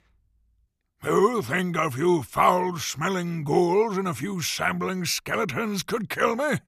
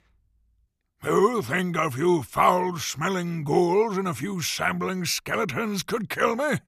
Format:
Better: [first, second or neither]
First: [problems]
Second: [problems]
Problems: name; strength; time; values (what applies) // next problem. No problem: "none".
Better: neither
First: none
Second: none